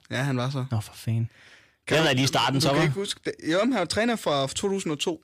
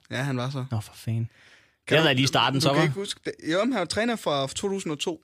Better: second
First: distortion; slight; 10 dB below the speech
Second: none

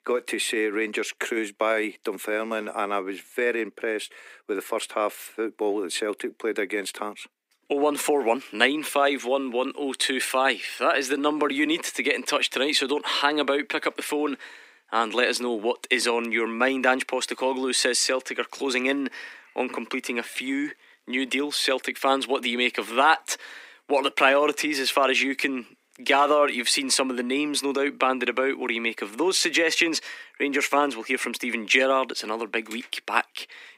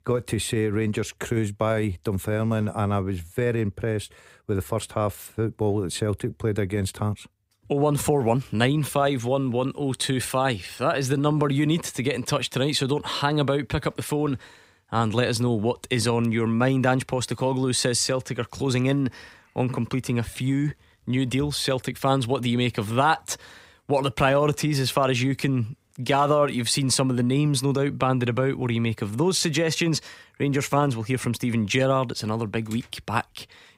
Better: second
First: thin; somewhat; fading below 250 Hz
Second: none

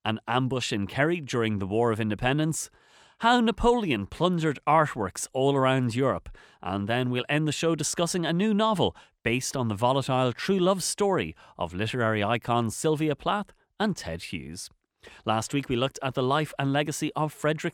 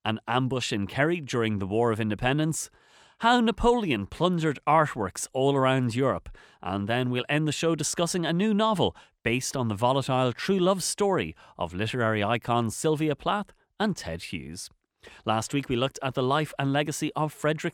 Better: neither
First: none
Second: none

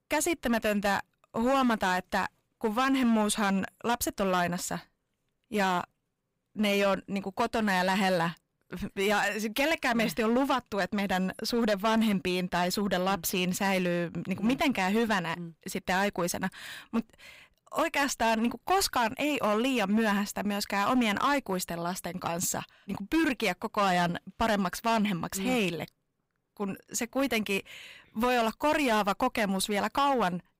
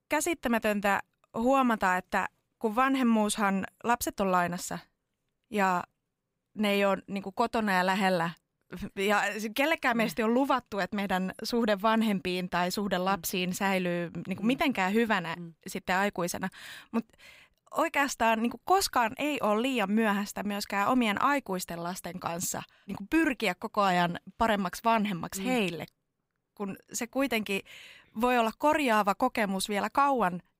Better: second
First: distortion; slight; 8% of the sound clipped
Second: none

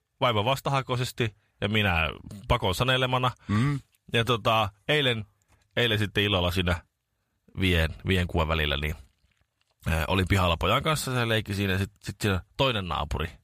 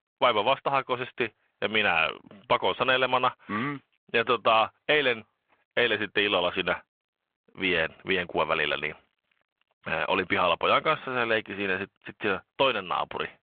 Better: first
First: none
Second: phone-call audio

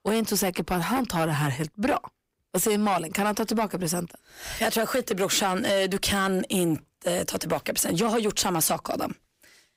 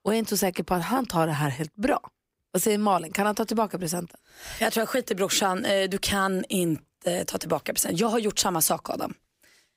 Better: second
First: distortion; slight; 10 dB below the speech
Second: none

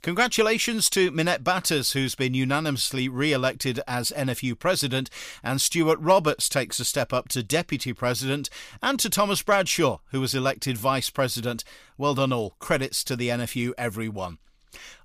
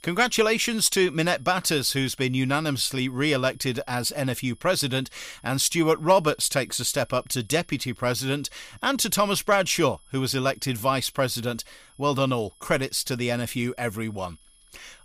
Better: first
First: none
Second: high-pitched whine; faint; throughout; 11 kHz, 30 dB below the speech

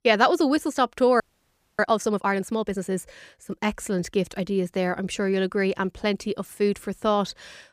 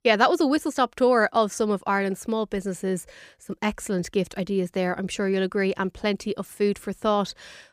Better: second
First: audio freezing; at 1 s for 0.5 s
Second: none

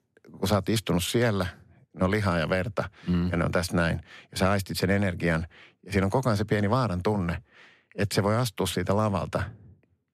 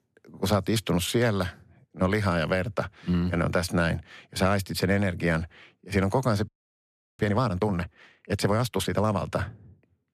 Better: first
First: none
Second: audio freezing; at 6.5 s for 0.5 s

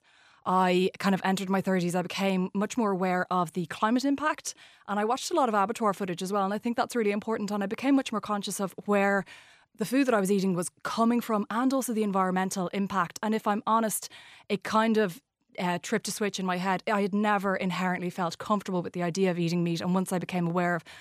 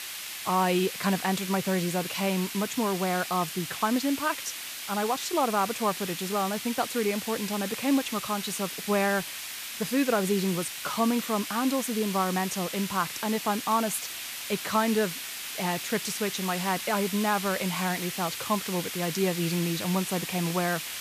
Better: first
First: none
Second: hiss; loud; throughout; 6 dB below the speech

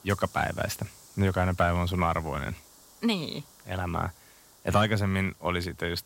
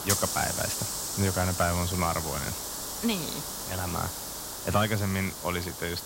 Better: first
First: hiss; faint; throughout; 25 dB below the speech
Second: hiss; loud; throughout; 2 dB below the speech

